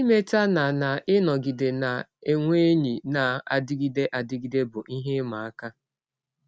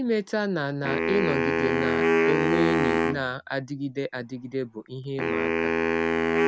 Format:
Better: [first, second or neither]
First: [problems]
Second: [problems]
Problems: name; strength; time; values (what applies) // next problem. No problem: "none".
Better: first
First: none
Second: background sound (Wind instrument, woodwind instrument); 3 dB above the speech